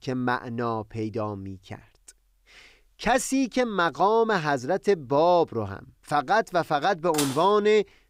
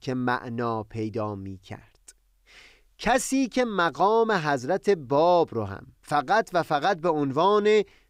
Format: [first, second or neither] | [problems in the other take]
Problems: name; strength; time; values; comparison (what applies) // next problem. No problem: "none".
second | clattering dishes; noticeable; at 7 s; peak 6 dB below the speech